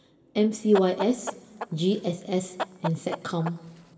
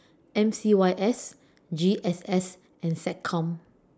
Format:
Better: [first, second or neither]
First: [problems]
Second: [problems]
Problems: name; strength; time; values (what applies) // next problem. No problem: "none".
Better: second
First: background sound (Chicken, rooster); 10 dB below the speech // room echo; dies away in 2.7 s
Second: none